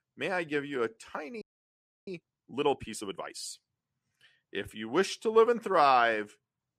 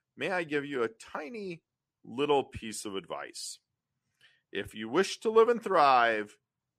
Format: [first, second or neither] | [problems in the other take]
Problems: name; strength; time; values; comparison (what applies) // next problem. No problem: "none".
second | audio freezing; at 1.5 s for 0.5 s